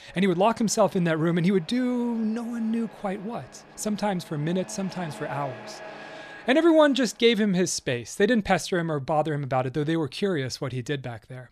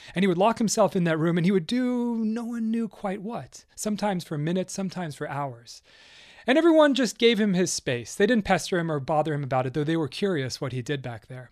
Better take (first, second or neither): second